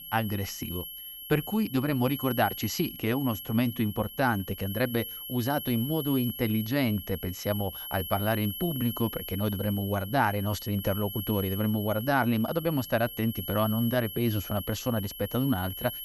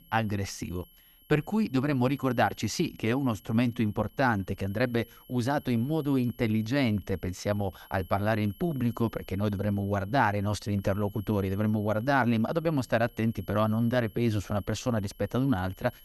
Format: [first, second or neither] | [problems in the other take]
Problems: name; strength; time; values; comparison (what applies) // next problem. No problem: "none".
second | high-pitched whine; loud; throughout; 11.5 kHz, 8 dB below the speech; faint in the second